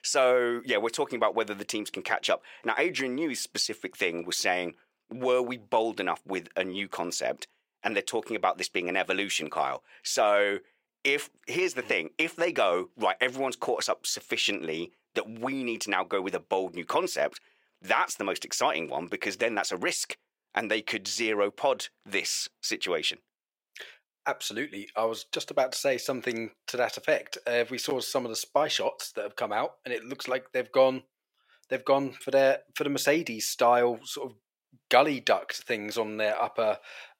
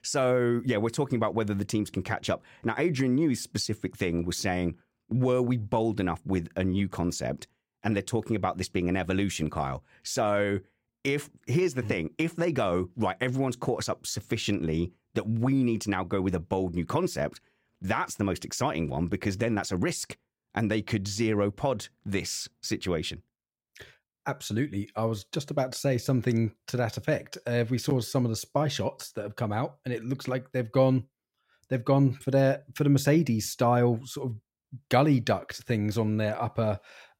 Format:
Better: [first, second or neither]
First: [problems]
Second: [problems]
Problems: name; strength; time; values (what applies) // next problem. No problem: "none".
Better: second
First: thin; somewhat; fading below 550 Hz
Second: none